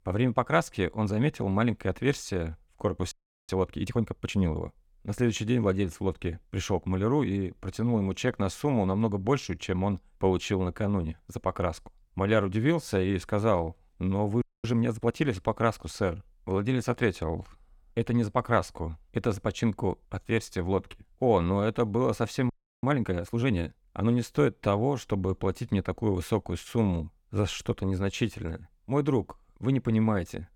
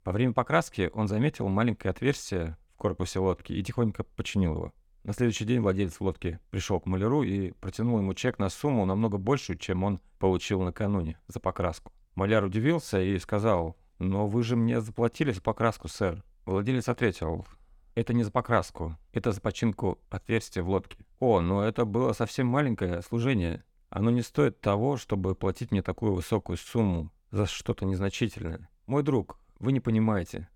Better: second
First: audio freezing; at 3 s, at 14 s and at 23 s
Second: none

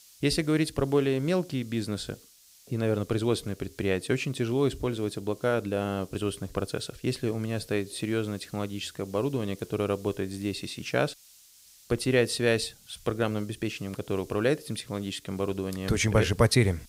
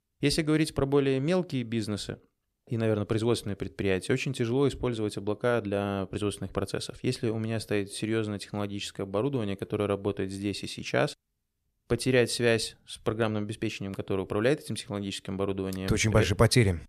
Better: second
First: hiss; faint; throughout; 25 dB below the speech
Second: none

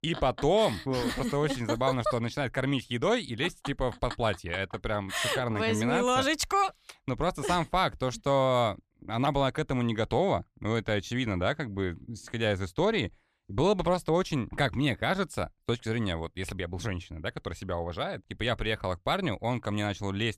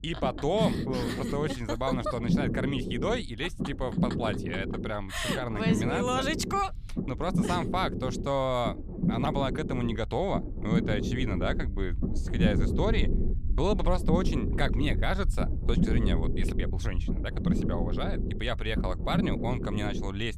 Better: first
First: none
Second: low rumble; loud; throughout; 7 dB below the speech

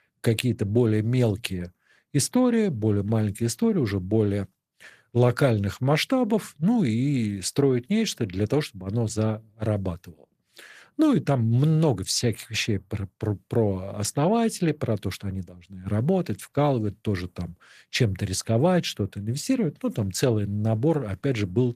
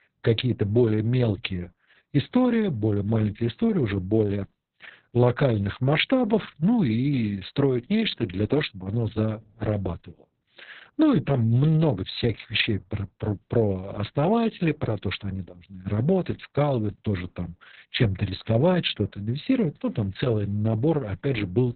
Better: first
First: garbled, watery; slightly; nothing above 14.5 kHz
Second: garbled, watery; badly; nothing above 4 kHz

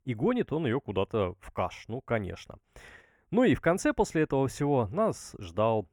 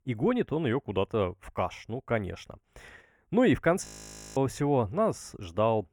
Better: first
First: none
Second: audio freezing; at 4 s for 0.5 s

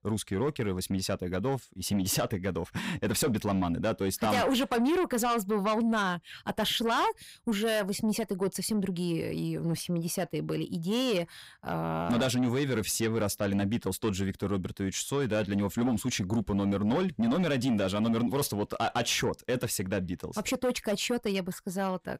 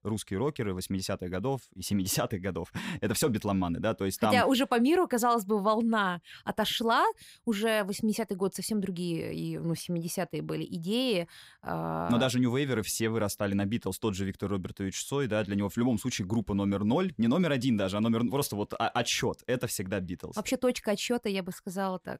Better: second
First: distortion; slight; 10 dB below the speech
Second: none

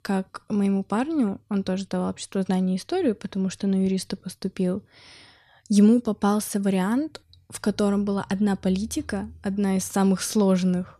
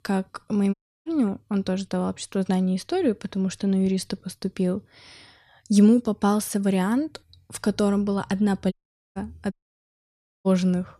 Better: first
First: none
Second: audio cutting out; at 0.5 s, at 8.5 s and at 9.5 s for 1 s

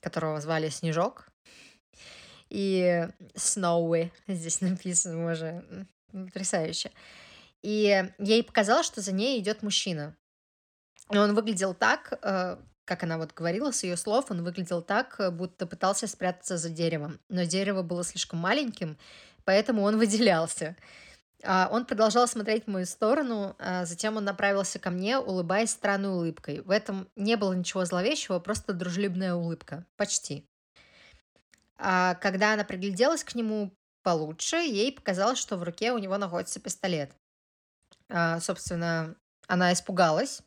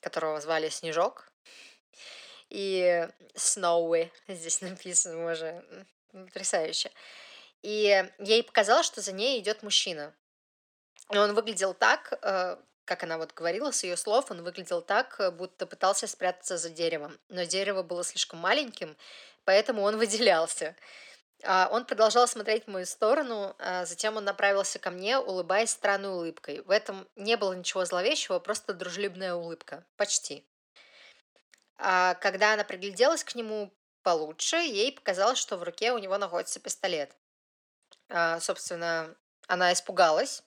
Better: first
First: none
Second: thin; somewhat; fading below 450 Hz

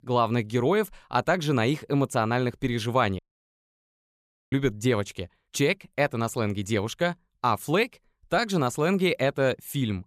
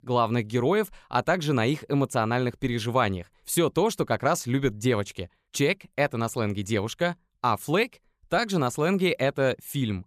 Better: second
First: audio cutting out; at 3 s for 1.5 s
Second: none

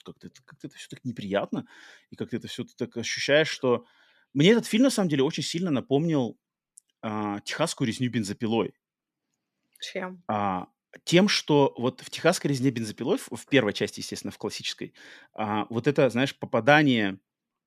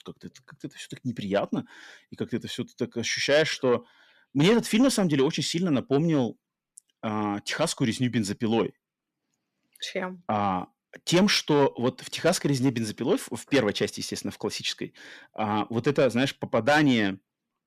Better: first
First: none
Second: distortion; slight; 10 dB below the speech

